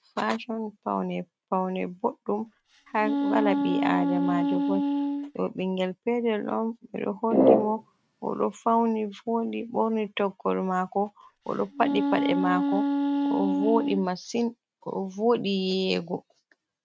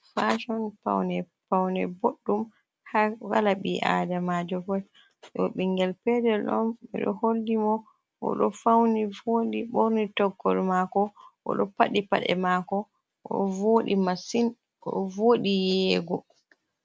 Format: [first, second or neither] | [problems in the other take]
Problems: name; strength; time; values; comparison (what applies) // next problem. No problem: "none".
second | noise reduction (neural mask model RNNoise)